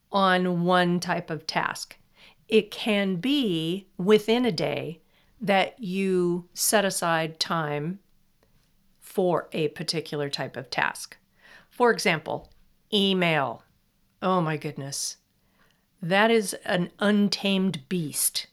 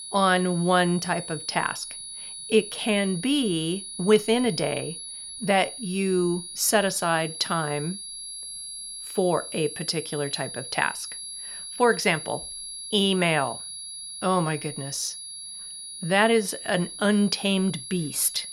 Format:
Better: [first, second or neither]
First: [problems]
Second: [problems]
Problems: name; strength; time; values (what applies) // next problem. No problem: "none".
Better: first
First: none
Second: high-pitched whine; loud; throughout; 10.5 kHz, 10 dB below the speech